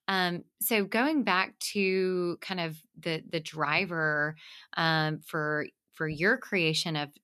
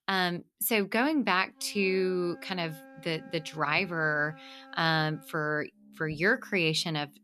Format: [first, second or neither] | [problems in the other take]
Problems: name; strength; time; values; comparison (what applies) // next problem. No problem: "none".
first | background music; faint; throughout; 25 dB below the speech